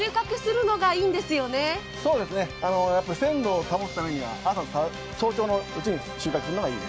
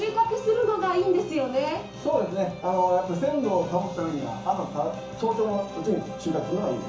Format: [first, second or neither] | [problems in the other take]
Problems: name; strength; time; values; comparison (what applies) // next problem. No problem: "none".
first | room echo; dies away in 0.7 s